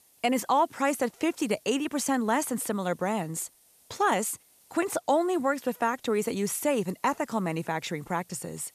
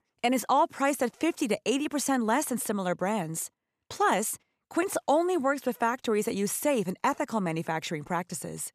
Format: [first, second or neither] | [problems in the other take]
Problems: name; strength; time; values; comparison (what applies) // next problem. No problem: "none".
second | hiss; faint; throughout; 30 dB below the speech